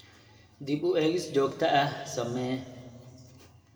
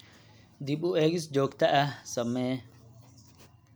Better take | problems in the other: second | room echo; dies away in 1.8 s

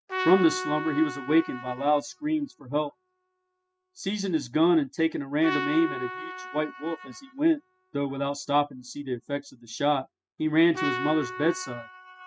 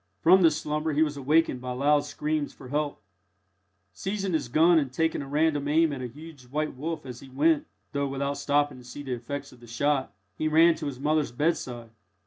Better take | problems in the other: second | noise reduction (classical method spectral subtraction)

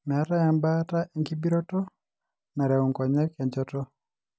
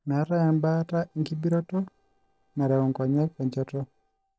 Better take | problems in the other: first | noise reduction (neural separator model SepFormer DNS4)

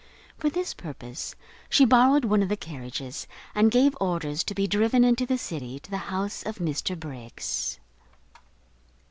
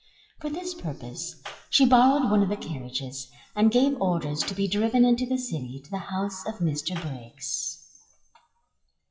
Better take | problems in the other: first | noise reduction (classical method WPE with log-MMSE)

